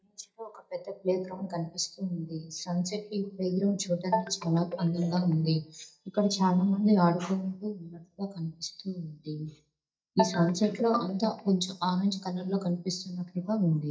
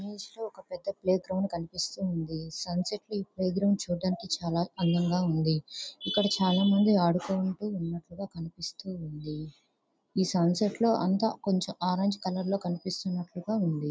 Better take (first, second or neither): second